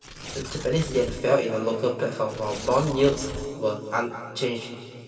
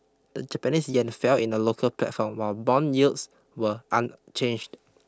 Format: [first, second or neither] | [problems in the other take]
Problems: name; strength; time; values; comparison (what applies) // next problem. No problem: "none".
second | background sound (Tearing); 12 dB below the speech // room echo; dies away in 2.6 s